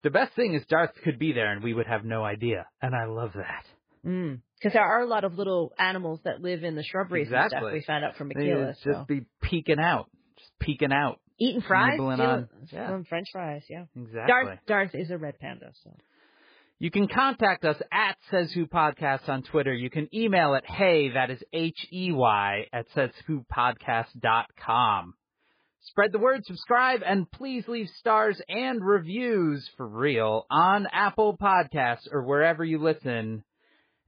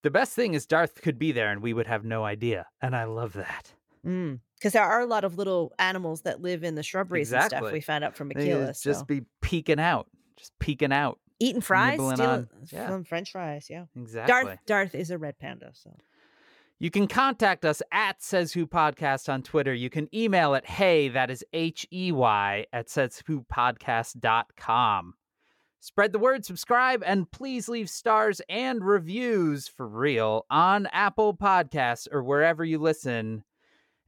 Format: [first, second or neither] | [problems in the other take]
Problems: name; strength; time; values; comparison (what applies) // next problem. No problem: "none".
second | garbled, watery; badly; nothing above 4.5 kHz